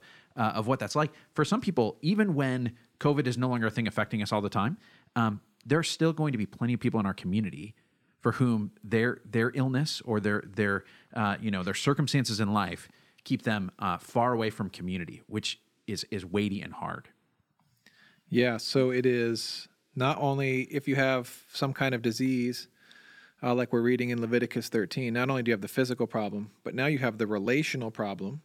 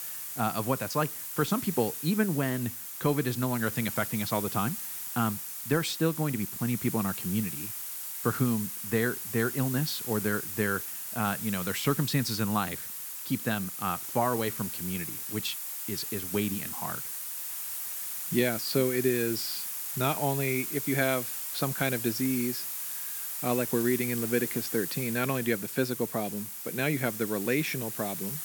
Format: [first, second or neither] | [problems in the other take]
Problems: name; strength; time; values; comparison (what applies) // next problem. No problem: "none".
first | hiss; loud; throughout; 3 dB below the speech